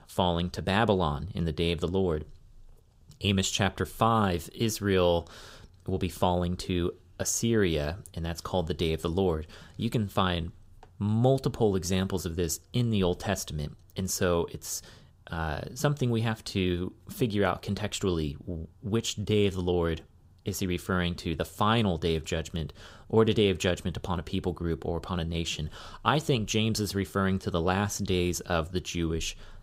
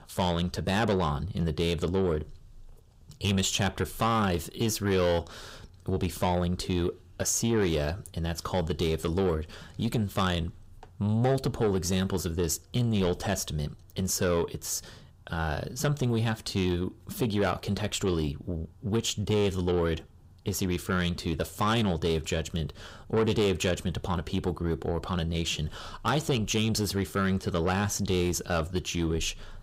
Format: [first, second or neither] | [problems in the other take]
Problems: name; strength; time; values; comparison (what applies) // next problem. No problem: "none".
first | distortion; slight; 10 dB below the speech